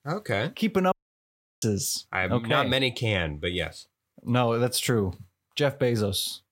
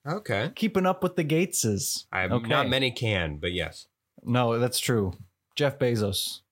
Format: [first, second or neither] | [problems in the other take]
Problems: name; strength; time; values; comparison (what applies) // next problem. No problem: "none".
second | audio cutting out; at 1 s for 0.5 s